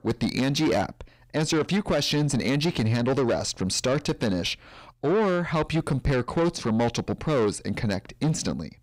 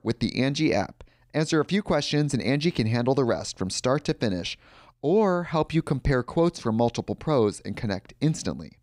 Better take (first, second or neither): second